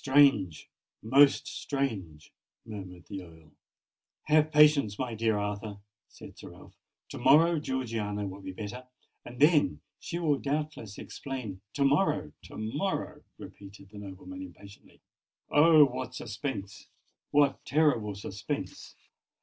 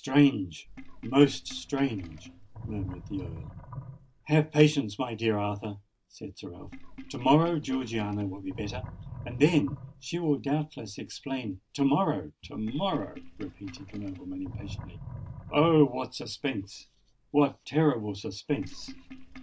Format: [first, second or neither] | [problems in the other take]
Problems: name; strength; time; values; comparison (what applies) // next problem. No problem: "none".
first | background sound (Sink (filling or washing)); 15 dB below the speech